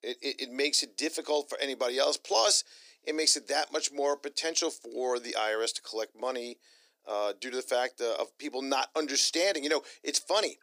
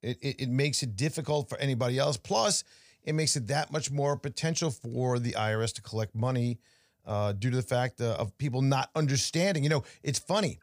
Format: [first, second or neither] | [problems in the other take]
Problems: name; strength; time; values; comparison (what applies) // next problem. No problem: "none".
second | thin; very; fading below 300 Hz